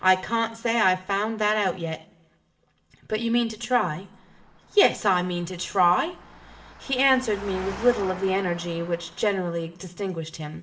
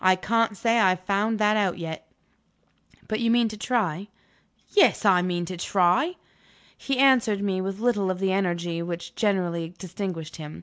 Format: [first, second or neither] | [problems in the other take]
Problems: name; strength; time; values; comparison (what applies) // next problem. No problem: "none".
second | background sound (Engine); 19 dB below the speech // room echo; dies away in 0.6 s